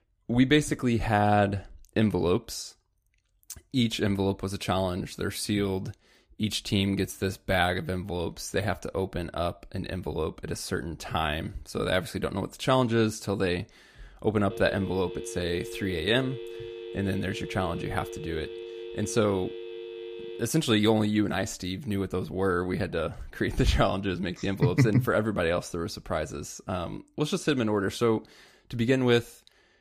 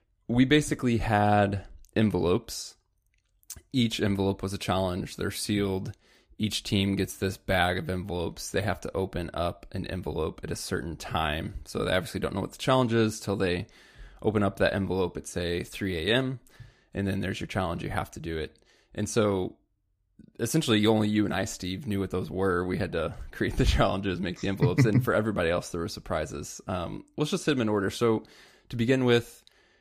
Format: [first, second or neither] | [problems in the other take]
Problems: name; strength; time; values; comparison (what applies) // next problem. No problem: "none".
second | phone ringing; faint; from 15 to 20 s; peak 10 dB below the speech